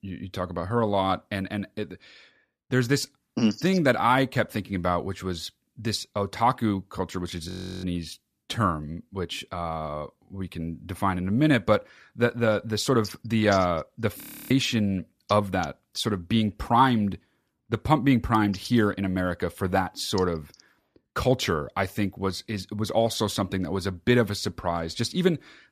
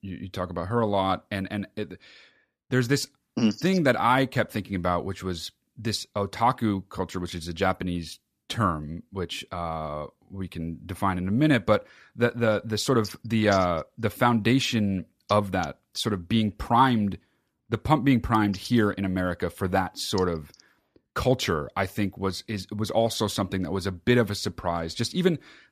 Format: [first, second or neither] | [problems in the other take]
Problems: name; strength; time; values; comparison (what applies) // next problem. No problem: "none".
second | audio freezing; at 7.5 s and at 14 s